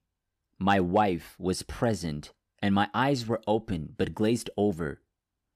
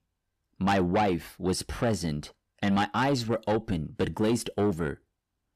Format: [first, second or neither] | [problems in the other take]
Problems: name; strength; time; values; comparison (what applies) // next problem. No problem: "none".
first | distortion; slight; 10 dB below the speech